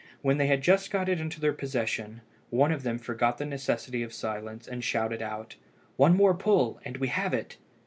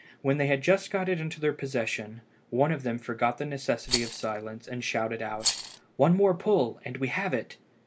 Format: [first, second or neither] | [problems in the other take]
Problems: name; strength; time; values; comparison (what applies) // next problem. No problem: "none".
first | background sound (Rattle); 6 dB below the speech